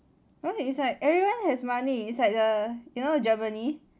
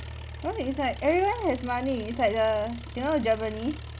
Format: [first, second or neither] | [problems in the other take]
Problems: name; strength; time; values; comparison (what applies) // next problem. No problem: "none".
first | background sound (Engine); 11 dB below the speech